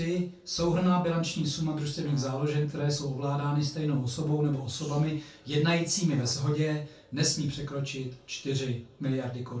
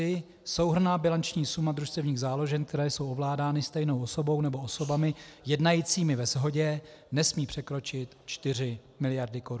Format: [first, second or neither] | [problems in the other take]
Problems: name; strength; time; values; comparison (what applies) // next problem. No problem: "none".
second | background sound (Fart); 19 dB below the speech // room echo; dies away in 0.2 s